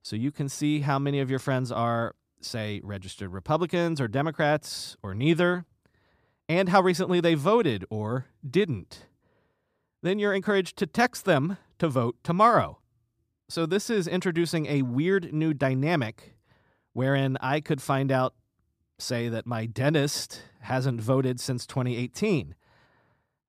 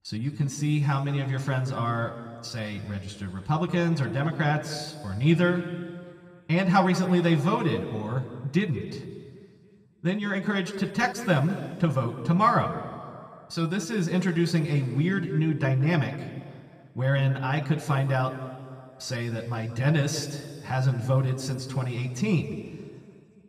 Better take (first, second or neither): first